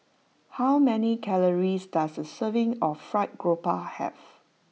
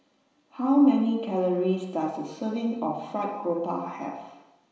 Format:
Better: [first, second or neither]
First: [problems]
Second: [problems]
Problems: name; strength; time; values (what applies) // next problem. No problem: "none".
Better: first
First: none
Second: room echo; dies away in 1.1 s